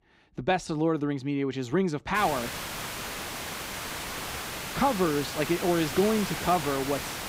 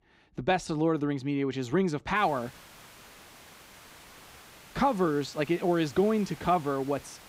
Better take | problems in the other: second | hiss; loud; from 2 s on; 6 dB below the speech; faint in the second

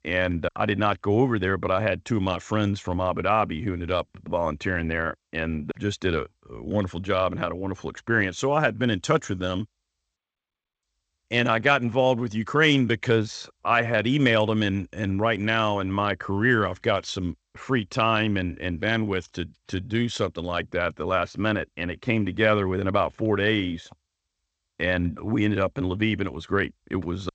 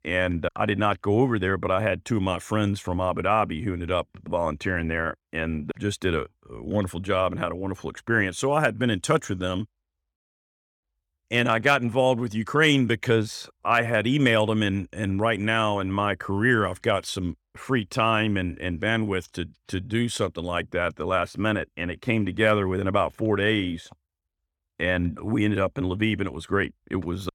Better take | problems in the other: second | garbled, watery; slightly; nothing above 7.5 kHz

